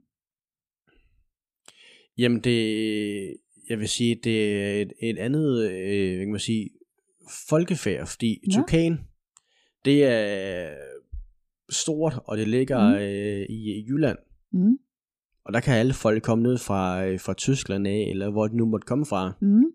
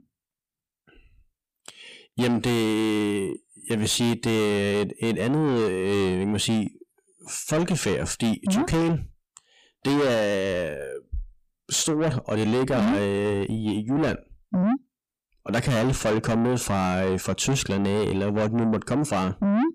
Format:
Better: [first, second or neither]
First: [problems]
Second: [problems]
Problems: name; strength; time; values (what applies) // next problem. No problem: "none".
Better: first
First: none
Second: distortion; heavy; 6 dB below the speech